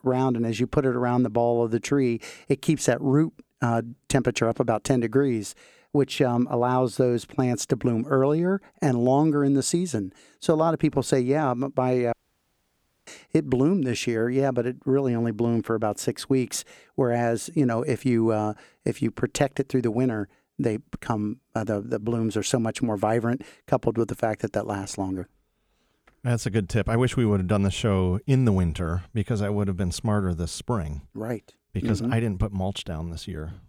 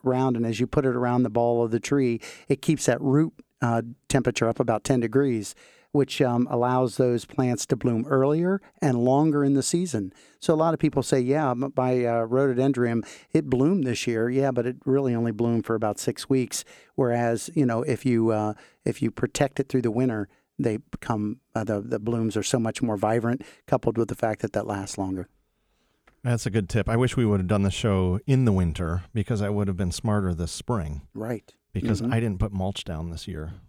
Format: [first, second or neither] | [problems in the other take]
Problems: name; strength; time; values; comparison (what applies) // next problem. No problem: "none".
second | audio cutting out; at 12 s for 1 s